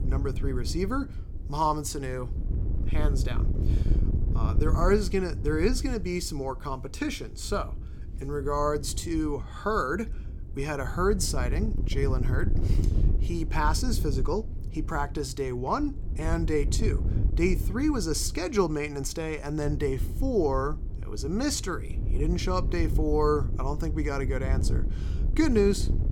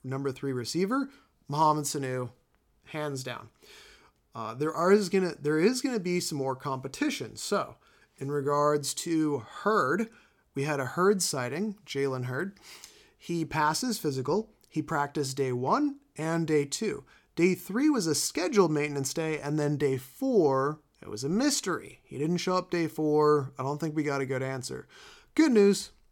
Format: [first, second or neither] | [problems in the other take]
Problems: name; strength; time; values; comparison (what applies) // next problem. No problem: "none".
second | wind noise on the microphone; occasional gusts; 15 dB below the speech